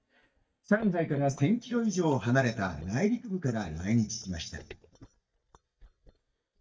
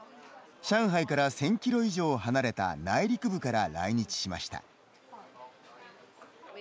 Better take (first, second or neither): second